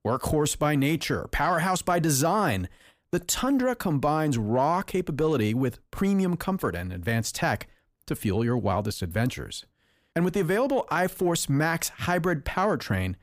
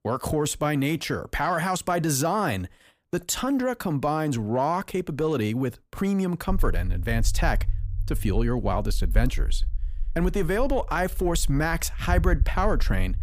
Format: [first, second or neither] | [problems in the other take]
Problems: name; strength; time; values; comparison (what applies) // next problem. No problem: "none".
first | low rumble; faint; from 6.5 s on; 25 dB below the speech